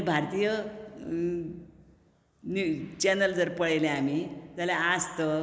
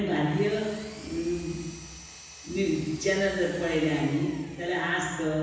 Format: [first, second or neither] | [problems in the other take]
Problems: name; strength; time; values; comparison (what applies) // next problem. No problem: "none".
first | background sound (Engine); 18 dB below the speech // room echo; dies away in 1.1 s